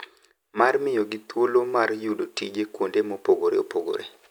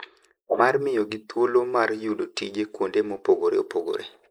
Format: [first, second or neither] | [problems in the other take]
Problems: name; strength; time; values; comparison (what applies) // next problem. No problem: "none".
first | noise reduction (neural mask model Resemble Enhance denoiser)